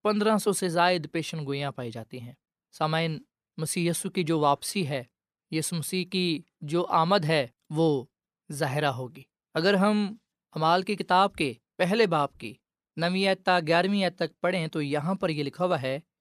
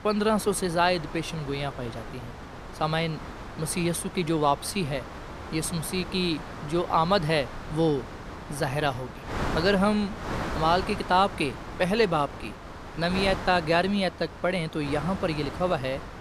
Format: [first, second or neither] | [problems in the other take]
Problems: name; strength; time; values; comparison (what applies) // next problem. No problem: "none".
first | wind noise on the microphone; occasional gusts; 10 dB below the speech